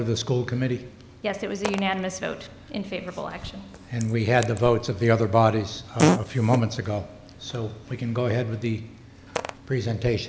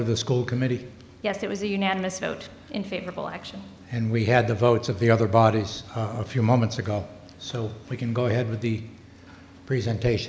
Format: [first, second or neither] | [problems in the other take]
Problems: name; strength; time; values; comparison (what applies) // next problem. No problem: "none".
second | background sound (Fart); 8 dB below the speech